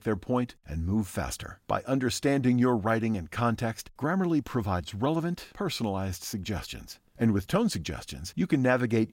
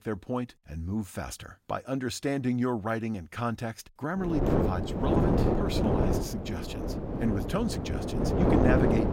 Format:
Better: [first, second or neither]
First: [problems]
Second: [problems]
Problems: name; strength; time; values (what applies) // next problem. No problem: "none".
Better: first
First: none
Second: wind noise on the microphone; heavy; from 4.5 s on; 3 dB above the speech